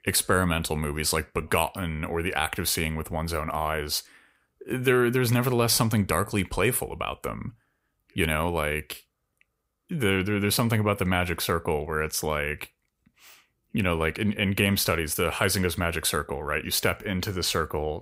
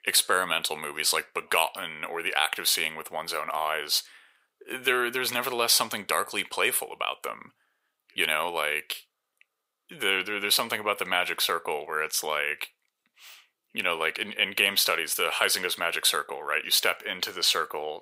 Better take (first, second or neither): first